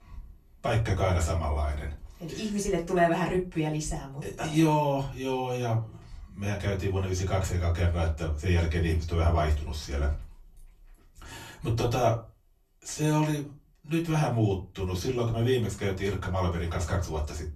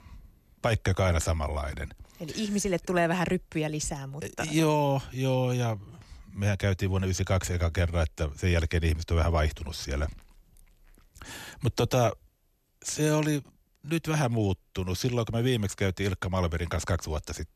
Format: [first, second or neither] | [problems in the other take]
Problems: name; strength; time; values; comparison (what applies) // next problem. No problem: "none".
second | off-mic speech; far // room echo; very slight; dies away in 0.2 s